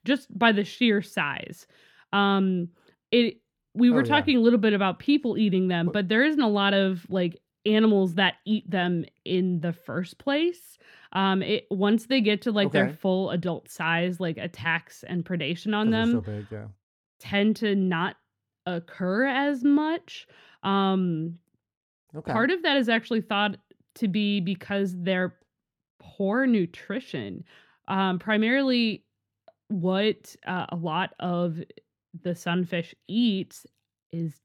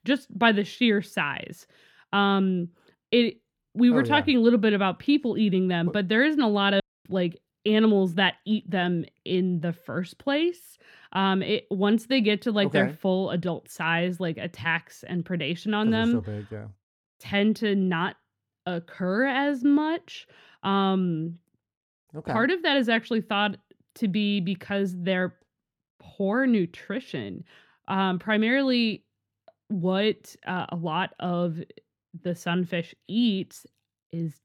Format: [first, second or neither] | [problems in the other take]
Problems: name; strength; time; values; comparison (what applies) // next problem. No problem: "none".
first | audio cutting out; at 7 s